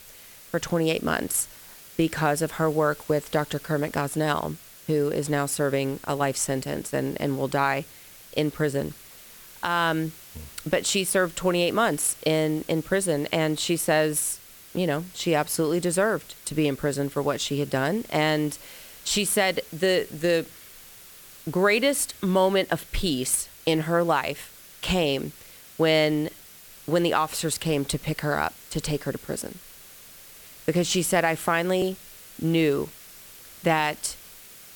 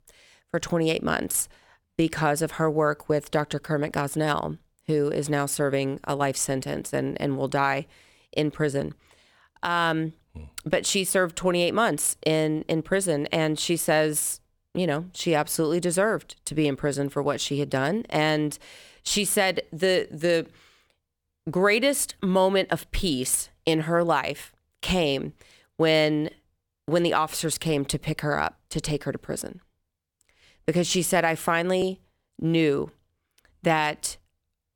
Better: second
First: hiss; noticeable; throughout; 20 dB below the speech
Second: none

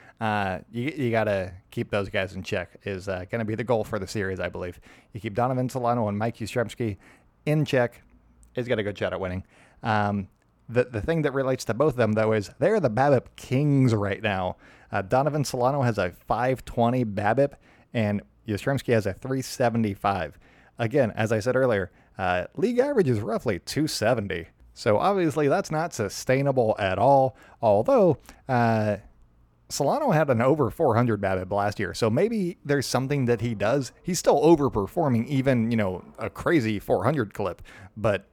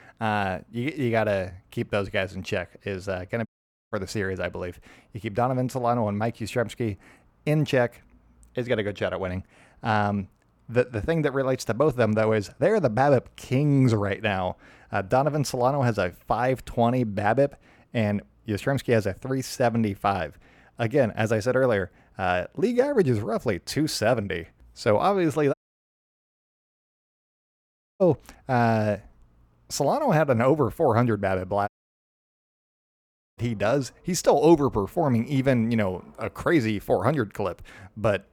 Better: first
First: none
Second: audio cutting out; at 3.5 s, at 26 s for 2.5 s and at 32 s for 1.5 s

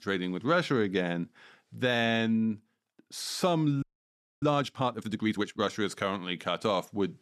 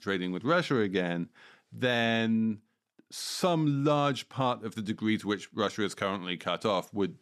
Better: second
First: audio freezing; at 4 s for 0.5 s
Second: none

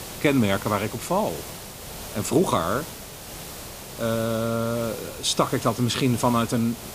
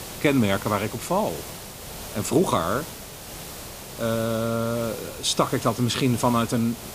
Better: neither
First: hiss; noticeable; throughout; 10 dB below the speech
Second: hiss; noticeable; throughout; 10 dB below the speech

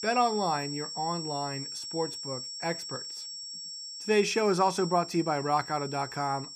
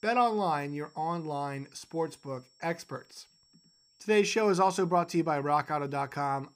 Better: second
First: high-pitched whine; loud; throughout; 5.5 kHz, 8 dB below the speech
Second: high-pitched whine; faint; throughout; 5.5 kHz, 35 dB below the speech

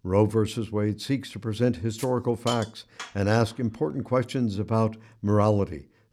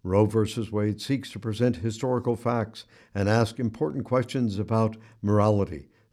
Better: second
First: hiss; noticeable; from 2 to 4 s; 15 dB below the speech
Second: none

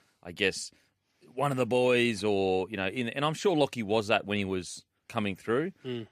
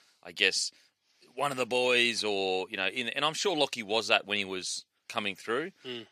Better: first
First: none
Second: thin; very slightly; fading below 600 Hz

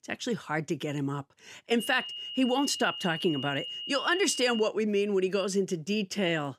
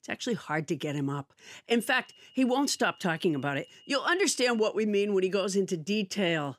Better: second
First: high-pitched whine; loud; from 2 to 4.5 s; 3 kHz, 7 dB below the speech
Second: high-pitched whine; faint; from 2 to 4.5 s; 3 kHz, 25 dB below the speech

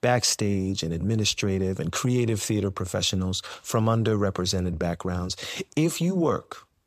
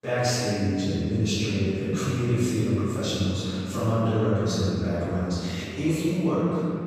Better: first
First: none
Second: room echo; strong; dies away in 2.9 s // off-mic speech; far

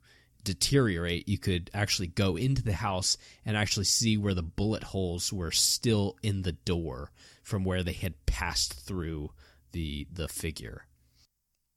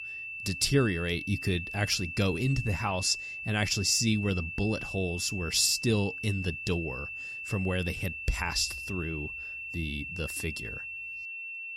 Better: first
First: none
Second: high-pitched whine; loud; throughout; 2.5 kHz, 7 dB below the speech

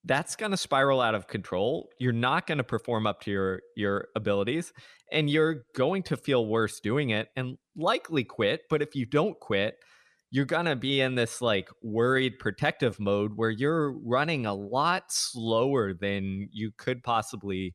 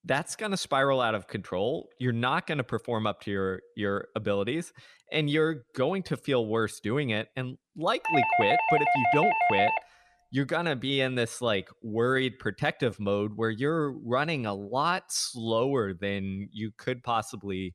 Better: first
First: none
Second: doorbell; loud; from 8 to 10 s; peak 5 dB above the speech

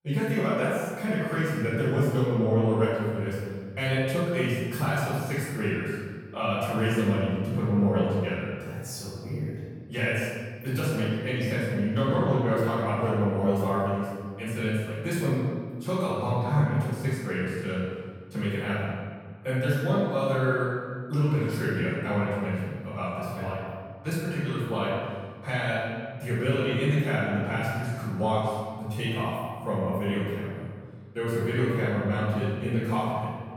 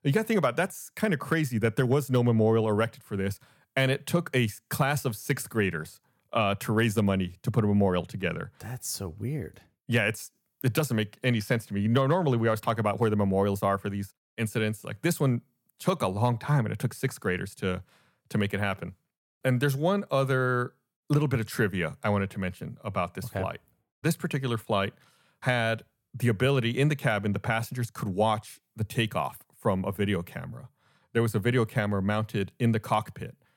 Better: second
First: off-mic speech; far // room echo; strong; dies away in 1.6 s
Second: none

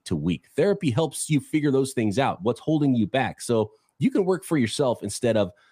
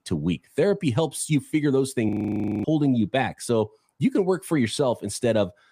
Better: first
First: none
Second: audio freezing; at 2 s for 0.5 s

